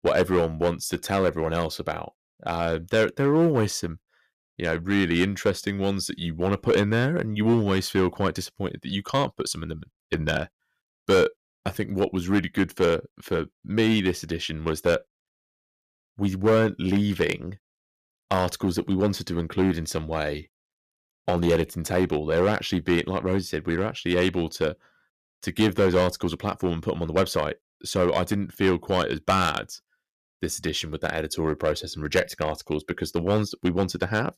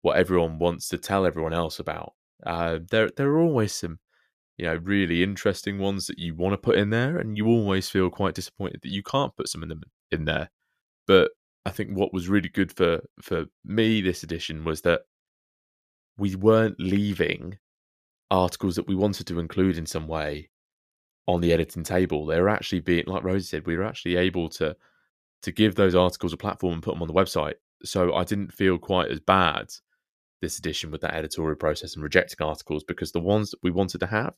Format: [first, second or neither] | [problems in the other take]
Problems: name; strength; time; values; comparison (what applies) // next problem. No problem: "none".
second | distortion; slight; 3% of the sound clipped